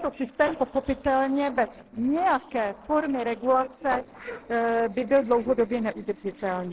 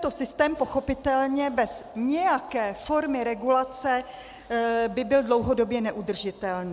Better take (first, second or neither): second